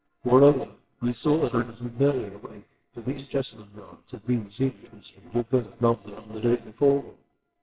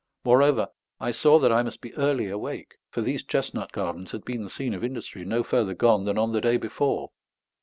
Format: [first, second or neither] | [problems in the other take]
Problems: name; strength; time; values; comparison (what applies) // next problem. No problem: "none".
second | noise reduction (neural separator model SepFormer WHAMR!)